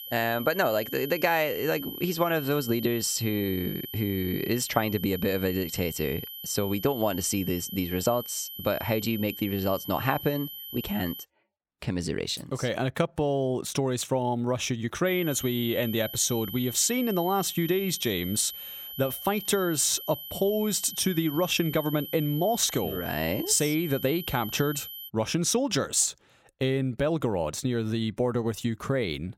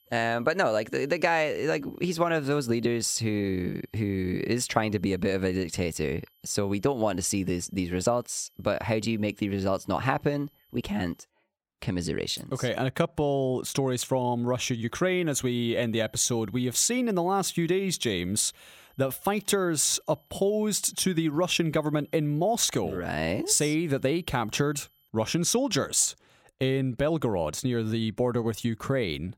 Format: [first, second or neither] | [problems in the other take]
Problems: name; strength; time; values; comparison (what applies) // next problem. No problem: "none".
second | high-pitched whine; loud; until 11 s and from 15 to 25 s; 3 kHz, 10 dB below the speech; faint in the second